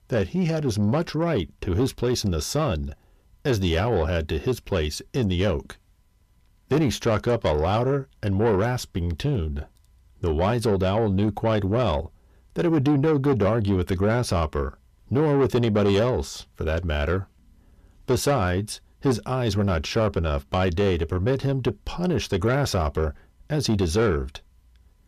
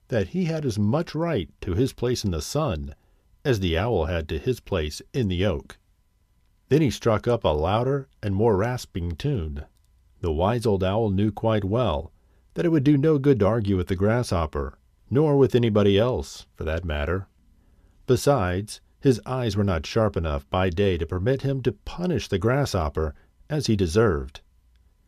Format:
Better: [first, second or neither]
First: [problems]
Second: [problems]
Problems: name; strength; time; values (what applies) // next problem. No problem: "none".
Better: second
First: distortion; slight; 10 dB below the speech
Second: none